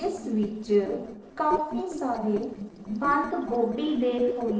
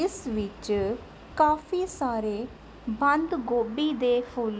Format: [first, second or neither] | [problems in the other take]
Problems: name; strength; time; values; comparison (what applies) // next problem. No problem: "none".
second | noise reduction (neural separator model SepFormer DNS4)